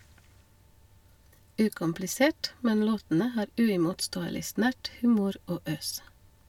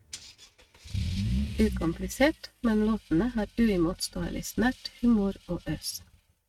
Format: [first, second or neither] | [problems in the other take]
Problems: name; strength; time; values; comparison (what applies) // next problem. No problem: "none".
first | noise reduction (neural mask model RNNoise)